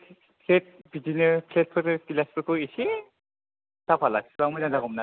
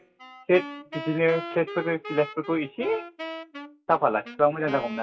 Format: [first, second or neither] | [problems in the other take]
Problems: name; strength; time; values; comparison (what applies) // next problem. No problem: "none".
first | noise reduction (classical method WPE with log-MMSE)